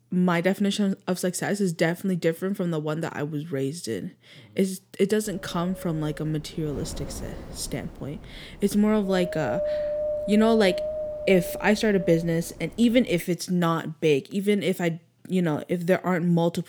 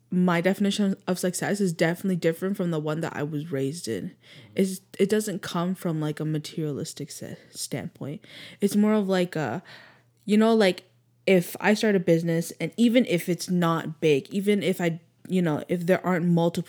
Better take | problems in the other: second | wind noise on the microphone; heavy; from 5.5 to 13 s; 4 dB below the speech

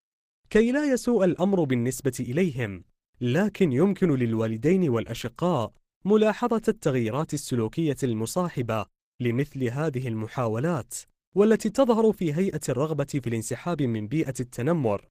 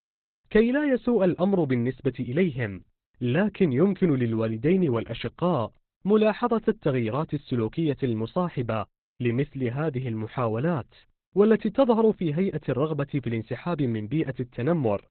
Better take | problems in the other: first | garbled, watery; badly; nothing above 4 kHz; slightly in the first

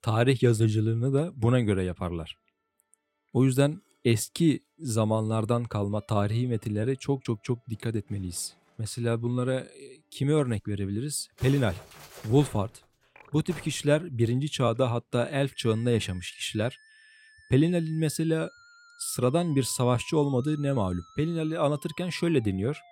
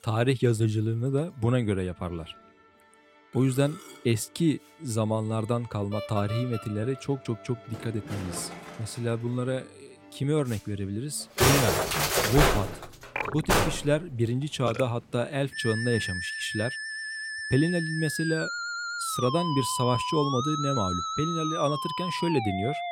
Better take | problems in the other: first | background music; loud; throughout; 1 dB below the speech; faint in the first

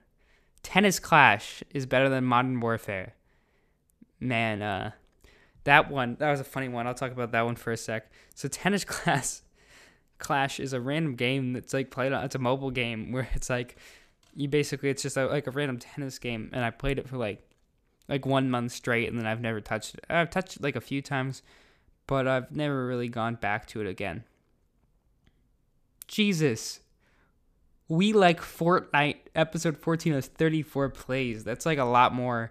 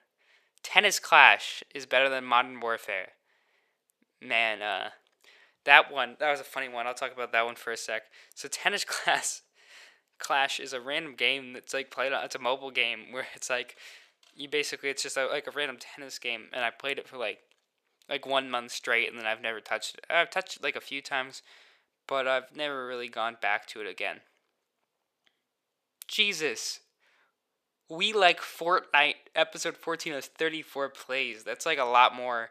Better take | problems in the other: first | thin; very; fading below 600 Hz

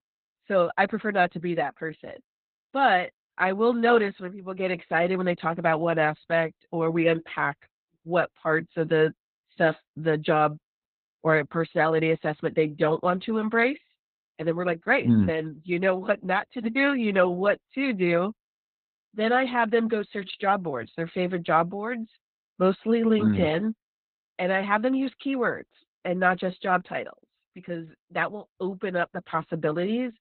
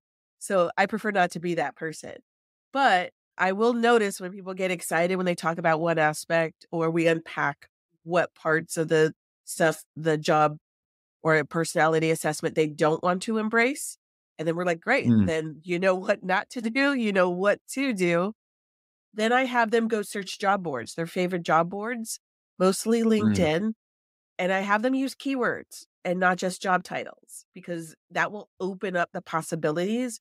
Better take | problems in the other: second | garbled, watery; badly; nothing above 4 kHz

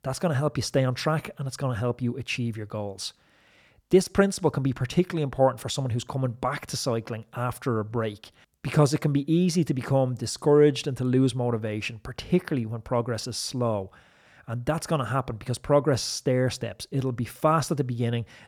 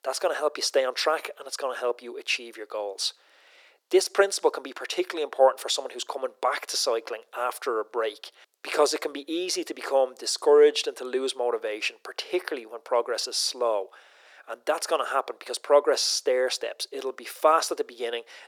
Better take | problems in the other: first | thin; very; fading below 400 Hz

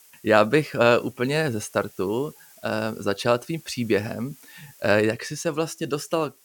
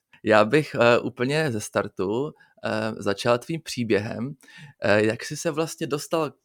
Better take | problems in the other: second | hiss; faint; throughout; 25 dB below the speech

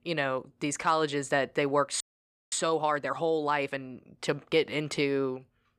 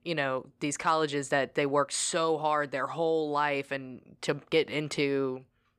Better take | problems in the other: second | audio freezing; at 2 s for 0.5 s

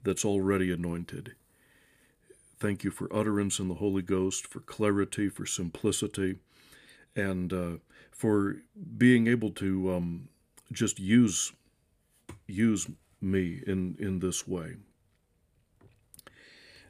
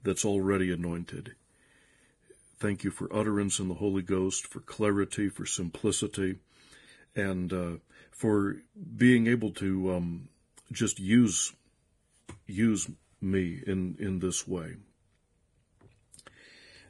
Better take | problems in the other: first | garbled, watery; badly; nothing above 10 kHz

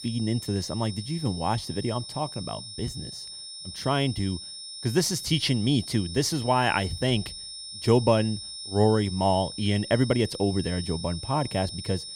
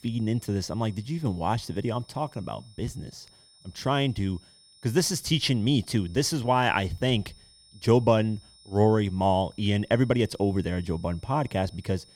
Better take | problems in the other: second | high-pitched whine; loud; throughout; 5.5 kHz, 10 dB below the speech; faint in the second

